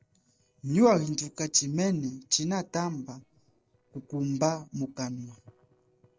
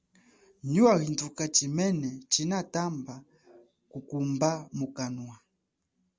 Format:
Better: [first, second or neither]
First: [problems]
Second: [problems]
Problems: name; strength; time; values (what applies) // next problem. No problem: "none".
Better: second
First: noise reduction (neural separator model SepFormer DNS4)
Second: none